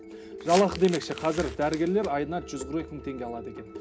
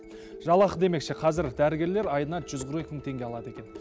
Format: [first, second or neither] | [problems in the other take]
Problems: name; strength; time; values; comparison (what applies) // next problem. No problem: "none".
second | background sound (Crumpling, crinkling); 13 dB below the speech // room echo; dies away in 0.3 s